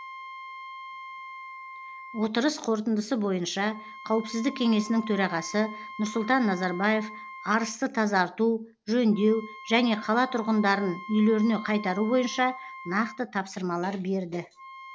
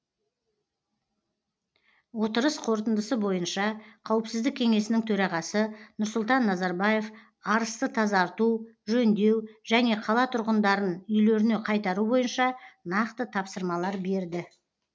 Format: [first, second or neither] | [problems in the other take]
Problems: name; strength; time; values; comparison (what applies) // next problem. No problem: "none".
second | background sound (Wind instrument, woodwind instrument); 16 dB below the speech